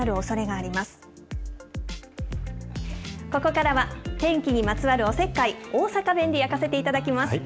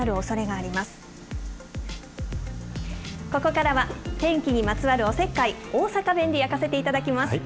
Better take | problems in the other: first | background sound (Engine + Subway, metro, underground); 18 dB below the speech

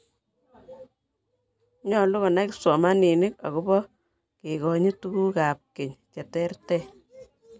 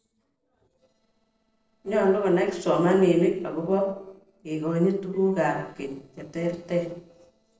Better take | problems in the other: first | noise reduction (neural separator model SepFormer DNS4)

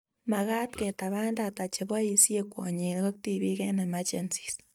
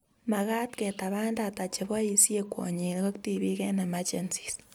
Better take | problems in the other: second | noise reduction (neural mask model DeepFilterNet 3)

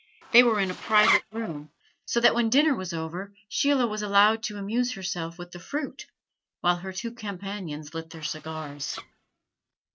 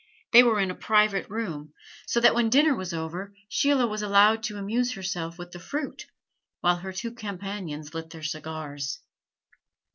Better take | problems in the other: second | noise reduction (neural mask model RNNoise)

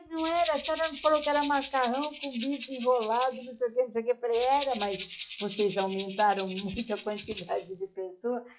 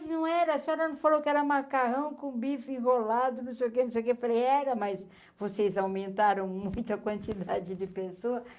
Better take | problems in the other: second | noise reduction (classical method log-MMSE)

